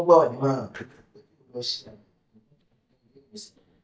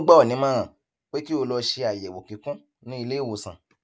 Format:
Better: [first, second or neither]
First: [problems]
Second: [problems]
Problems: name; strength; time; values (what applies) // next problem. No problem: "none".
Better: second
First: noise reduction (neural mask model DeepFilterNet 3)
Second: none